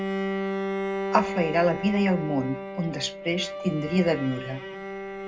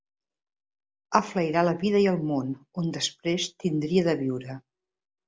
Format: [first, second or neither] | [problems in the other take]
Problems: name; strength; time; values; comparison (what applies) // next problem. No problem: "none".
second | background sound (Bowed string instrument); 5 dB below the speech // room echo; dies away in 0.3 s